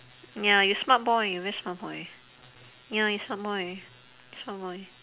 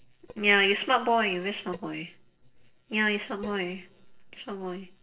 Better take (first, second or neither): first